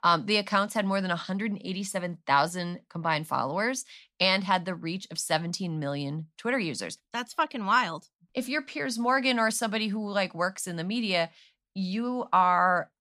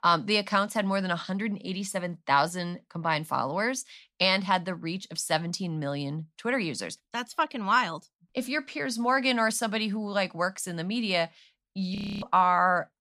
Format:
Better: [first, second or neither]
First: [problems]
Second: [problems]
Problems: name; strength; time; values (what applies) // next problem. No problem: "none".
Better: first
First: none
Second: audio freezing; at 12 s